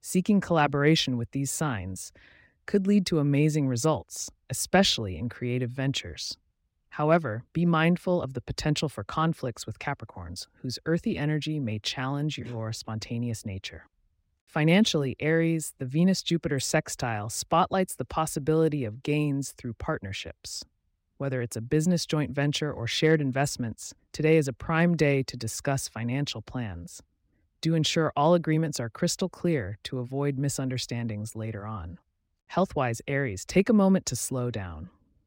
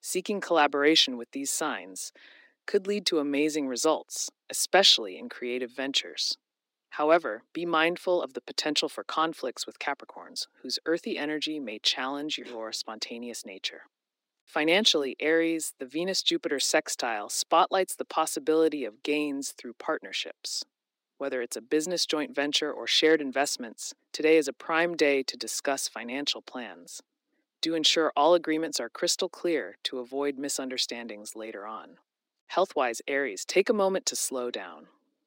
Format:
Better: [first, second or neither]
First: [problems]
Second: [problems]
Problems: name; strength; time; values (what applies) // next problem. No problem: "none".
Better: first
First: none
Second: thin; somewhat; fading below 300 Hz